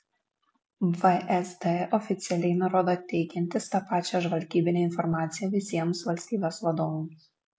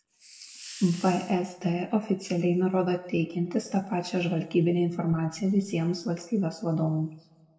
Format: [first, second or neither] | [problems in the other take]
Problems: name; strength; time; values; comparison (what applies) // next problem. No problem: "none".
first | background sound (Hiss); 18 dB below the speech // room echo; dies away in 0.9 s